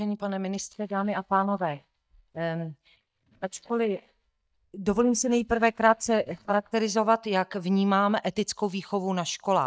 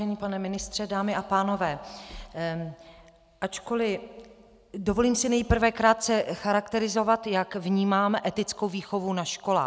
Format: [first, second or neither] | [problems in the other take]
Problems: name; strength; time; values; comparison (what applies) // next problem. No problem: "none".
second | noise reduction (neural mask model DeepFilterNet 3)